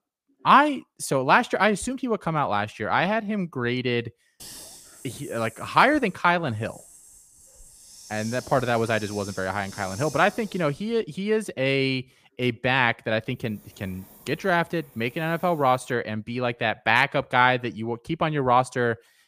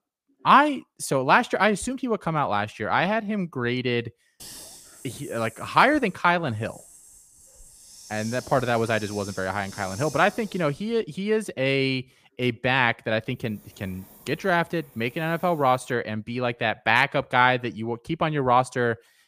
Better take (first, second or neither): neither